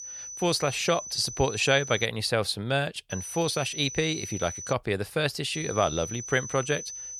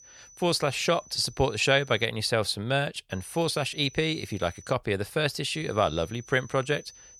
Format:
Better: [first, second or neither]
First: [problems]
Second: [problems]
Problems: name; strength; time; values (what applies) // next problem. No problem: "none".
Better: second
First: high-pitched whine; loud; until 2 s, from 3 to 4.5 s and from 5.5 s on; 6 kHz, 9 dB below the speech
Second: high-pitched whine; faint; until 2 s, from 3 to 4.5 s and from 5.5 s on; 6 kHz, 20 dB below the speech